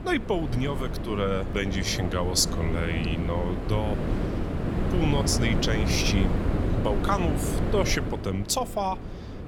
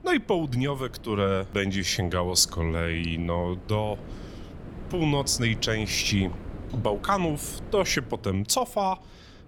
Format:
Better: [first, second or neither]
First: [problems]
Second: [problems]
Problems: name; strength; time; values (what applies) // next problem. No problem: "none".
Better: second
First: wind noise on the microphone; heavy; 6 dB below the speech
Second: wind noise on the microphone; occasional gusts; 20 dB below the speech